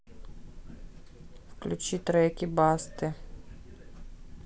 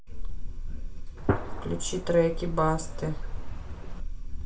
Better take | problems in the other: first | background sound (Gunshot, gunfire); 8 dB below the speech // room echo; dies away in 0.3 s

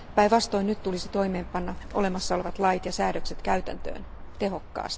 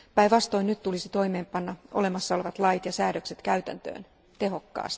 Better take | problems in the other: second | background sound (Bird); 8 dB below the speech

